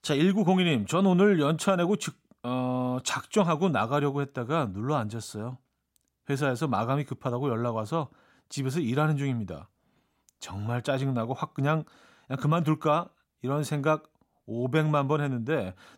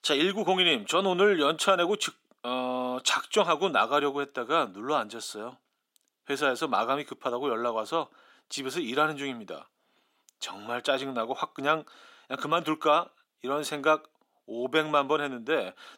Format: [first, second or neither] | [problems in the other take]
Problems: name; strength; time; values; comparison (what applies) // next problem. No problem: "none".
first | thin; somewhat; fading below 300 Hz